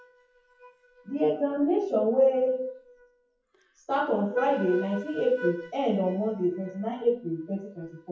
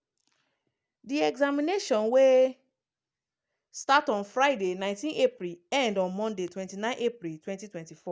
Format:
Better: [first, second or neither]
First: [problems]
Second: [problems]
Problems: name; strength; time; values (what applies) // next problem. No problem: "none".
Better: second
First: noise reduction (classical method WPE with log-MMSE)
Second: none